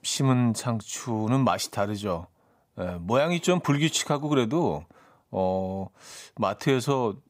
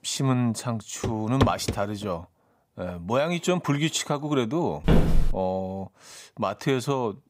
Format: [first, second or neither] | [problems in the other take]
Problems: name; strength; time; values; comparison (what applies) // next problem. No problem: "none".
first | footsteps; loud; at 1 s and at 5 s; peak 5 dB above the speech